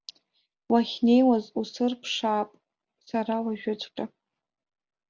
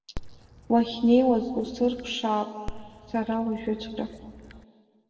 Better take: first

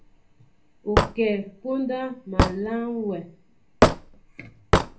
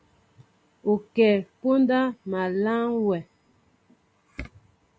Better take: second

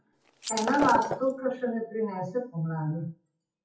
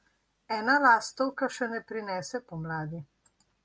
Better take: second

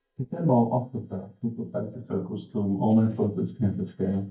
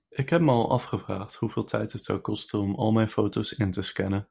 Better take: second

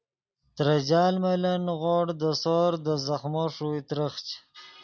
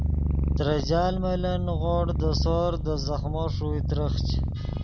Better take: first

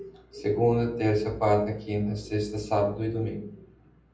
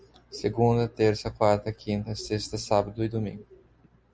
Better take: second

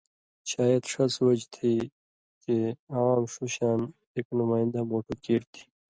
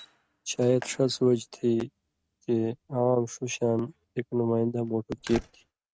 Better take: first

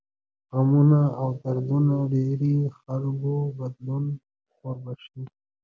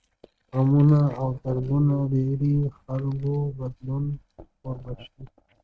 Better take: first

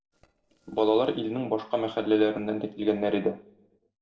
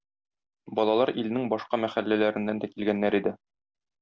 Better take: second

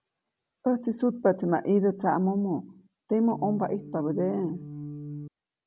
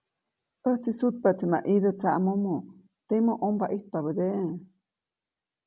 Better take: second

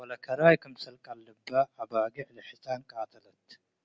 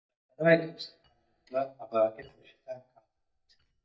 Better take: first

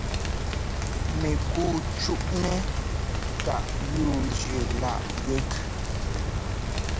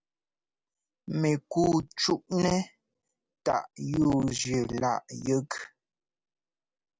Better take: second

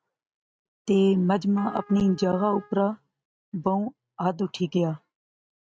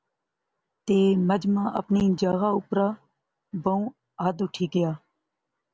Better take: second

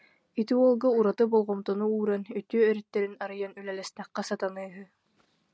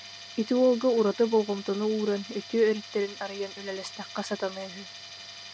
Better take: first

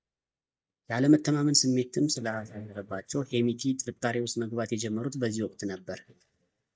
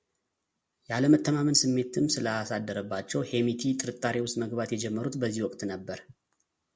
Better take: second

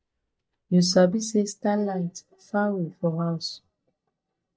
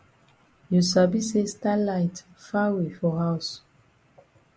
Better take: second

